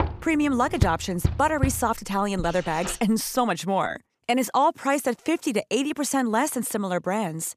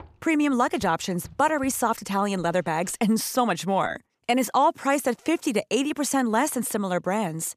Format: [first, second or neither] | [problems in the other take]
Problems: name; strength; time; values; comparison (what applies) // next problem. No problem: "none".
second | household noises; loud; until 3 s; 7 dB below the speech; faint in the second